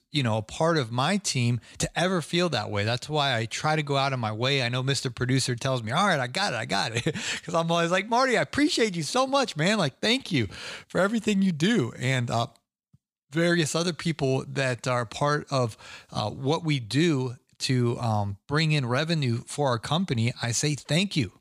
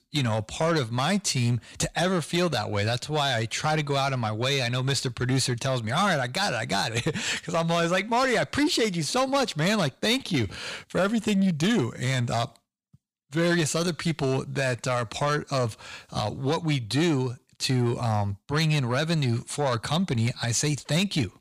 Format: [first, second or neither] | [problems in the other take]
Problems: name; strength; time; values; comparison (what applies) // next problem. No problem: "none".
first | distortion; slight; 10 dB below the speech